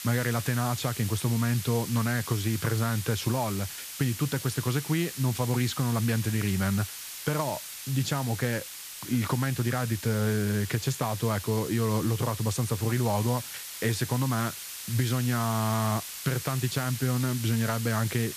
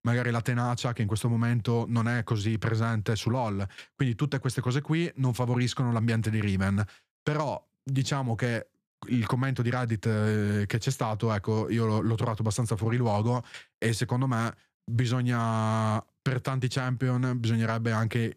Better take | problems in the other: second | hiss; loud; throughout; 8 dB below the speech

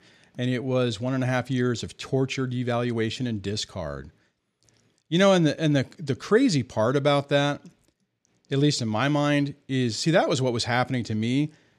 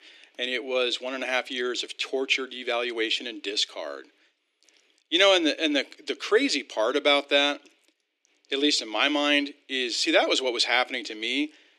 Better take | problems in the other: first | thin; somewhat; fading below 300 Hz

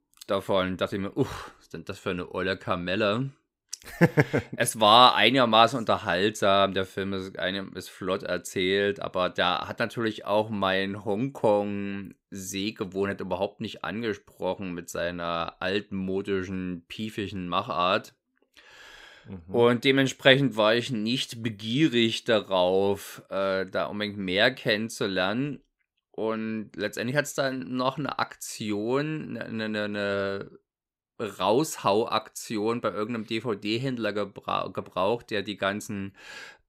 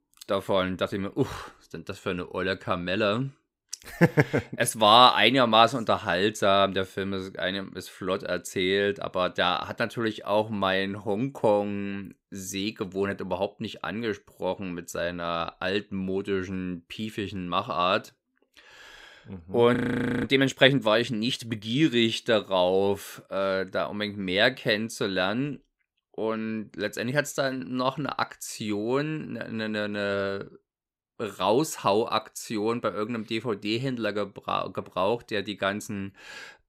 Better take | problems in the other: first | audio freezing; at 20 s

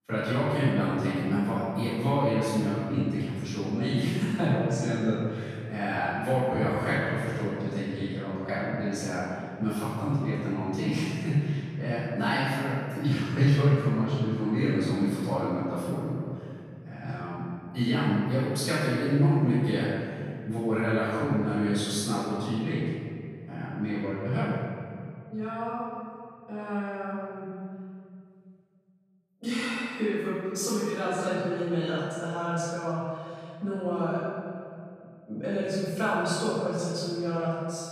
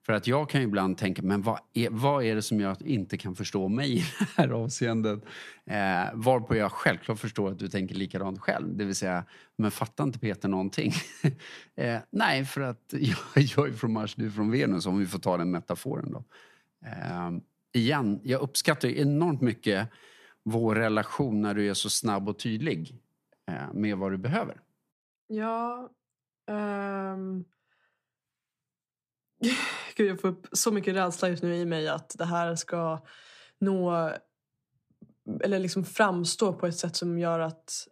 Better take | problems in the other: second | room echo; strong; dies away in 2.4 s // off-mic speech; far

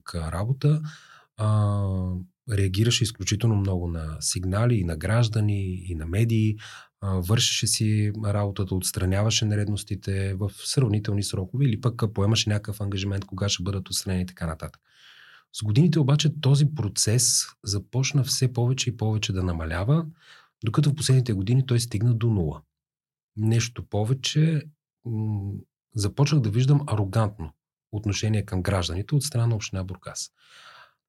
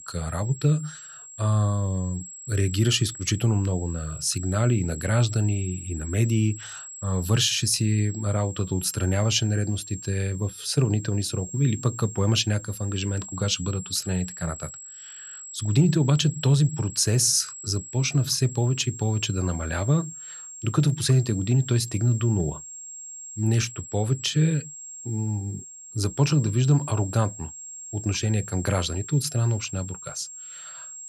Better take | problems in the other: first | high-pitched whine; noticeable; throughout; 7.5 kHz, 15 dB below the speech

